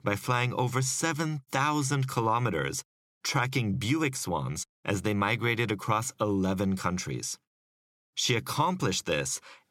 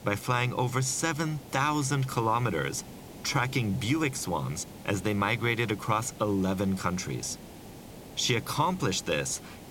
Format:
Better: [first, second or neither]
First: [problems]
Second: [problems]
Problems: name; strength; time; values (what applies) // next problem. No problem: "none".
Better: first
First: none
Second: hiss; noticeable; throughout; 15 dB below the speech